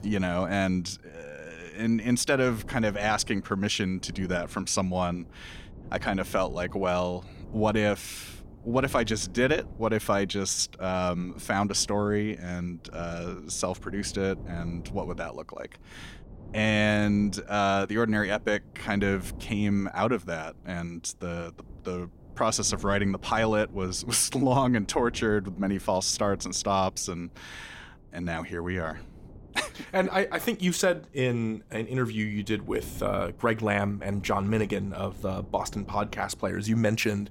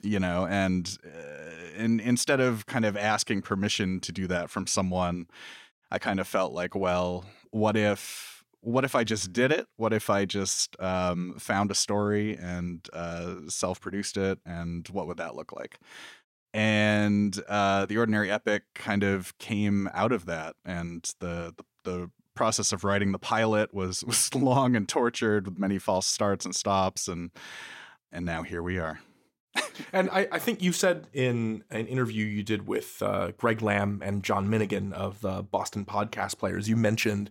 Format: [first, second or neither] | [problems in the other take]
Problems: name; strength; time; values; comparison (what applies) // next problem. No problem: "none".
second | wind noise on the microphone; occasional gusts; 25 dB below the speech